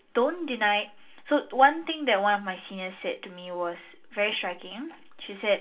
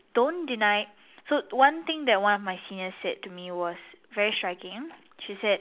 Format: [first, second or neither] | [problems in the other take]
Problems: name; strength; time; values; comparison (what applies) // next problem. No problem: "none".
second | room echo; dies away in 0.2 s